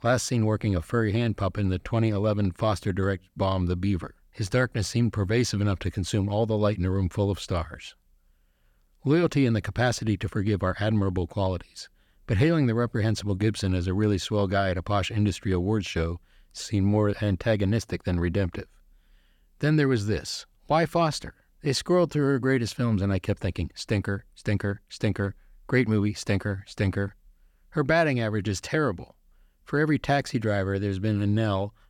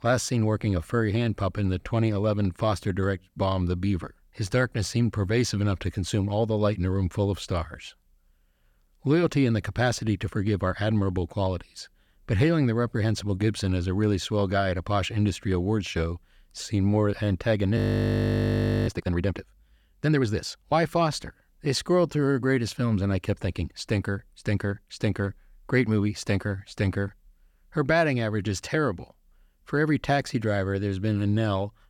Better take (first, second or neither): first